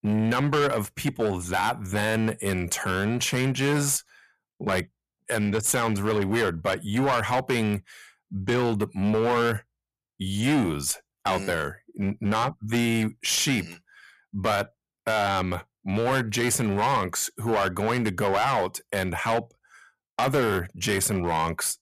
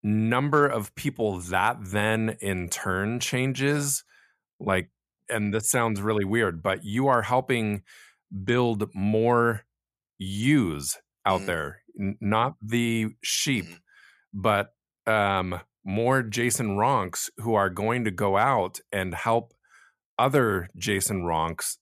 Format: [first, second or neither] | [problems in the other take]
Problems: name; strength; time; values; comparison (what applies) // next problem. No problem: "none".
second | distortion; heavy; 10% of the sound clipped